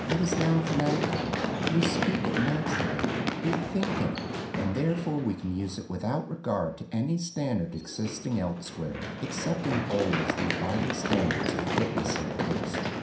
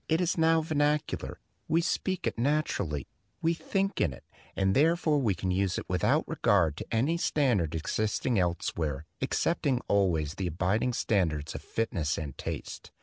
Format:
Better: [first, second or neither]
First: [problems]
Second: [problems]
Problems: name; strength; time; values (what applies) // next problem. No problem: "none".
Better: second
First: background sound (Run); 1 dB below the speech // room echo; dies away in 0.5 s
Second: none